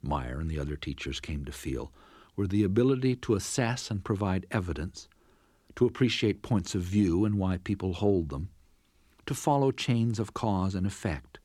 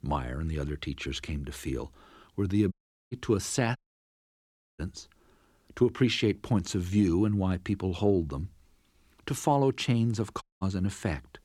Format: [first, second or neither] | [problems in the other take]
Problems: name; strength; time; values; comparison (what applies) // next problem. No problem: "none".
first | audio cutting out; at 2.5 s, at 4 s for 1 s and at 10 s